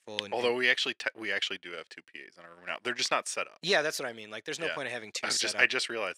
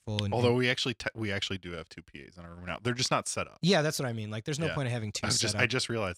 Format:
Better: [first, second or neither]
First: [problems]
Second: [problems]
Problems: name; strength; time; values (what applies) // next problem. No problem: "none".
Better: second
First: thin; very; fading below 400 Hz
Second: none